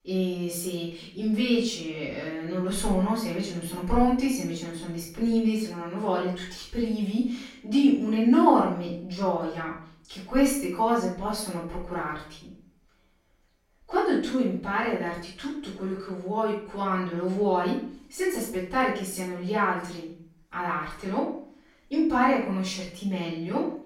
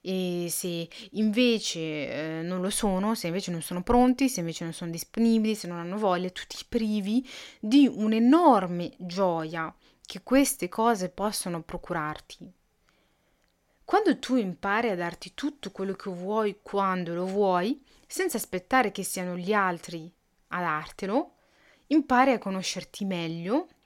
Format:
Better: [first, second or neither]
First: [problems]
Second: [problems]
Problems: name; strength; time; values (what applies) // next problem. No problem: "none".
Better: second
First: off-mic speech; far // room echo; noticeable; dies away in 0.5 s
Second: none